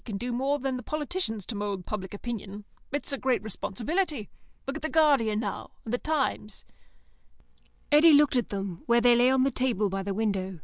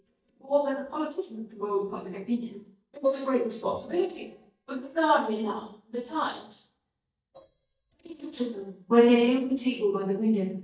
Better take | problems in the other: first | noise reduction (neural mask model DeepFilterNet 3)

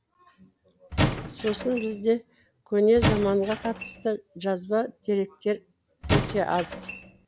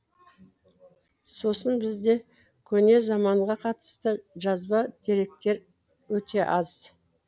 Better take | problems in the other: second | background sound (Squeak / Wood); 2 dB below the speech

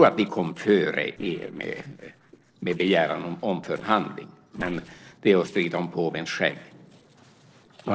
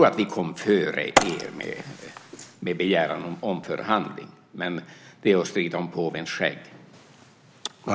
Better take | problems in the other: second | noise reduction (neural separator model SepFormer DNS4)

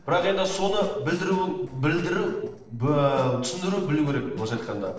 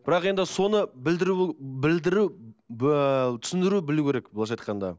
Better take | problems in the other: second | noise reduction (neural separator model SepFormer DNS4)

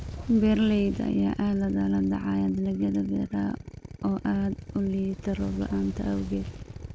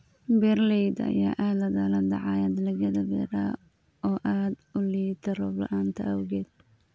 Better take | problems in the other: second | background sound (Drill + Fire); 12 dB below the speech

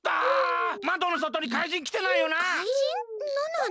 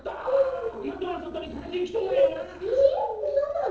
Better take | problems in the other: first | noise reduction (neural separator model SepFormer DNS4)

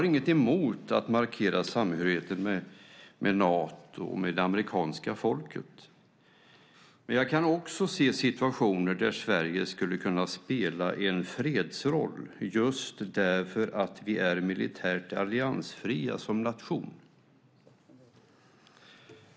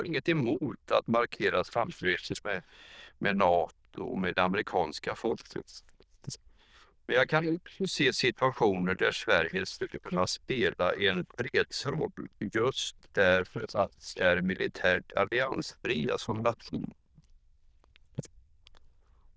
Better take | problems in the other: first | noise reduction (neural diffusion model UNIVERSE++)

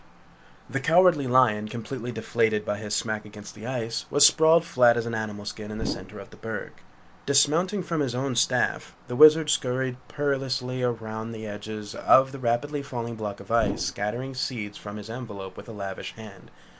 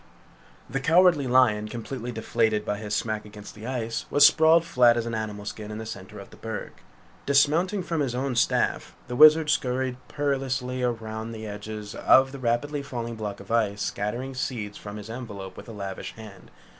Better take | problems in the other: second | background sound (Whoosh, swoosh, swish); 4 dB below the speech

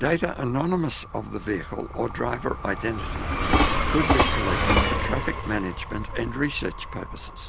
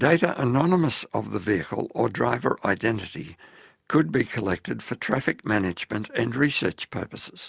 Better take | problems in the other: second | background sound (Train); 2 dB above the speech

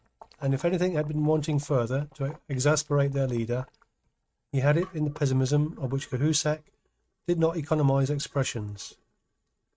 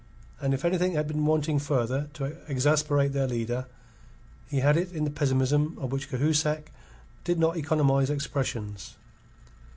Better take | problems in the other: second | noise reduction (neural mask model RNNoise)

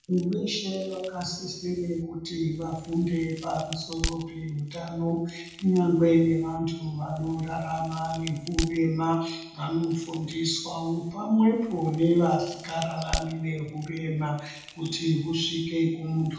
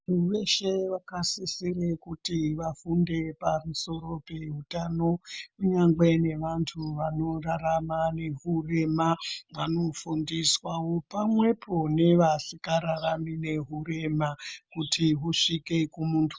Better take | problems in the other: second | background sound (Crack); 15 dB below the speech // room echo; dies away in 0.8 s

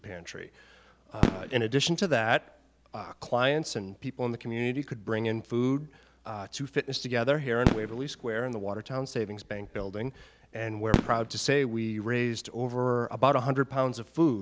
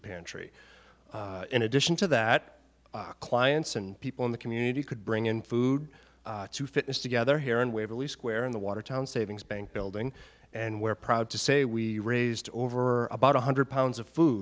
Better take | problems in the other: second | background sound (Fireworks); 5 dB below the speech

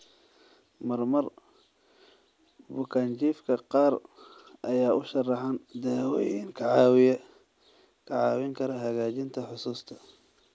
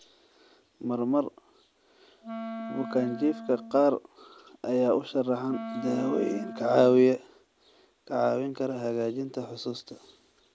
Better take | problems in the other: first | background sound (Wind instrument, woodwind instrument); 11 dB below the speech

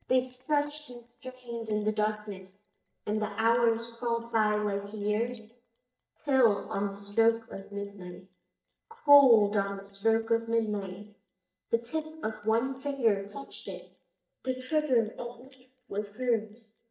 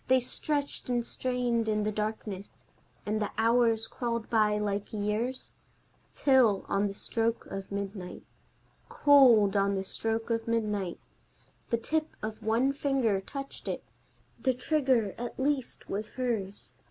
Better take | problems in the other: second | noise reduction (neural mask model DeepFilterNet 3)

